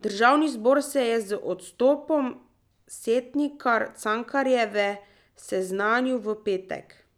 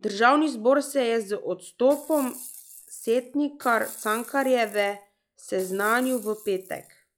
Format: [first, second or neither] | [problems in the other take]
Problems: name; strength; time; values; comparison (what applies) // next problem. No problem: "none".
first | noise reduction (classical method log-MMSE)